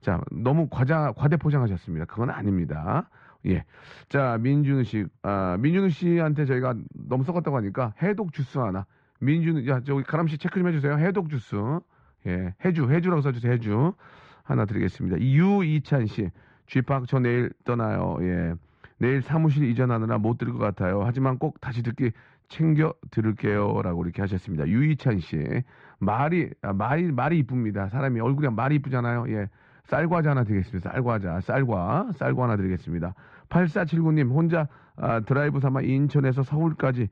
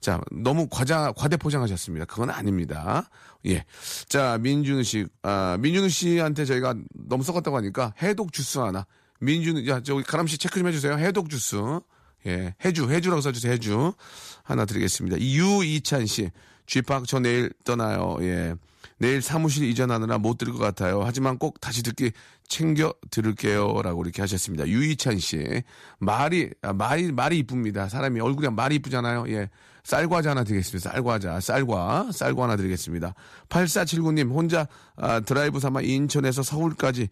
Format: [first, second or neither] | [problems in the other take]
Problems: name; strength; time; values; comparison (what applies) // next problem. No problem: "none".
second | muffled; very; fading above 2 kHz